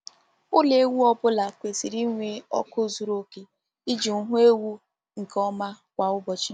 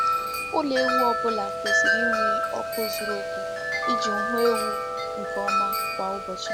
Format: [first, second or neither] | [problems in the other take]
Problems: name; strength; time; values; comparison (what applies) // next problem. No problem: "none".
first | background sound (Wind chime); 4 dB above the speech